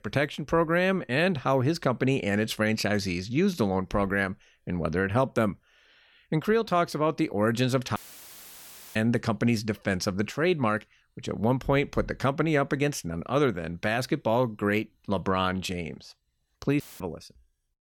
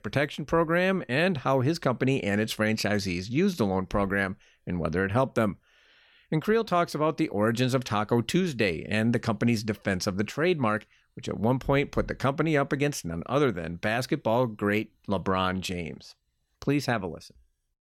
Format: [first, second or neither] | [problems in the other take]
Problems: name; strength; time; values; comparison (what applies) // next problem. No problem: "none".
second | audio cutting out; filled with static; at 8 s for 1 s and at 17 s